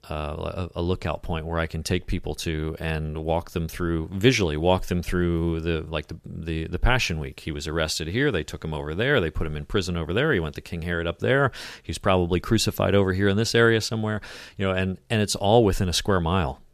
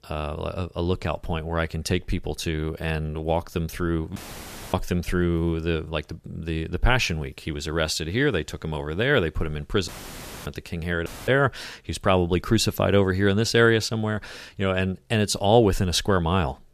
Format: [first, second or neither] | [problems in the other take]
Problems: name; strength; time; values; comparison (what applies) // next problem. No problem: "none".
first | audio cutting out; filled with static; at 4 s for 0.5 s, at 10 s for 0.5 s and at 11 s